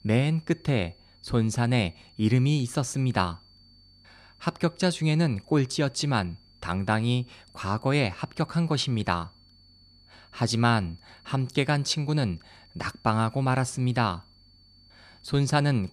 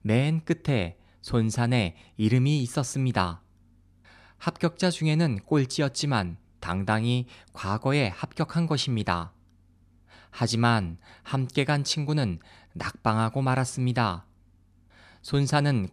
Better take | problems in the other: second | high-pitched whine; faint; throughout; 4.5 kHz, 30 dB below the speech

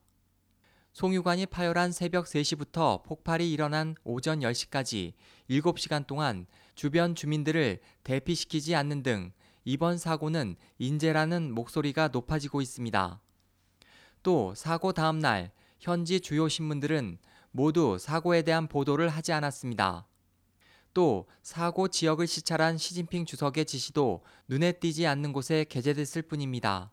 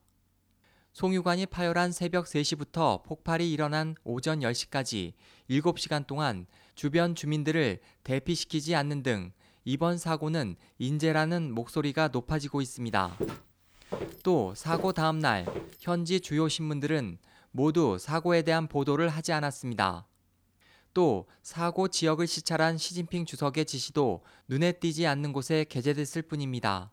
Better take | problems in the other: first | footsteps; noticeable; from 13 to 16 s; peak 7 dB below the speech

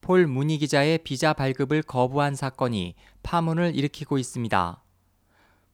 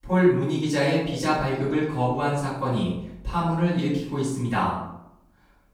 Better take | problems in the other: first | off-mic speech; far // room echo; noticeable; dies away in 0.6 s

